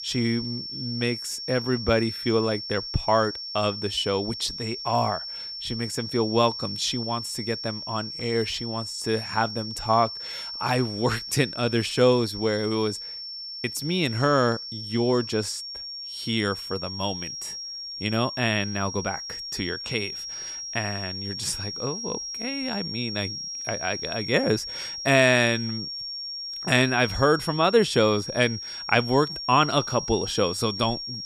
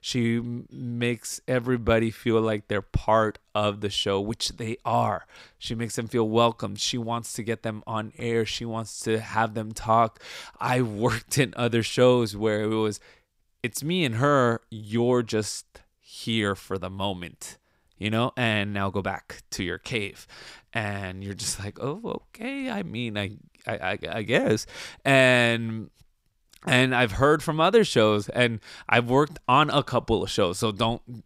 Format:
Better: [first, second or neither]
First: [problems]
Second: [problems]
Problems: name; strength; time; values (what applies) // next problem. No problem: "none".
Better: second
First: high-pitched whine; loud; throughout; 5.5 kHz, 7 dB below the speech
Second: none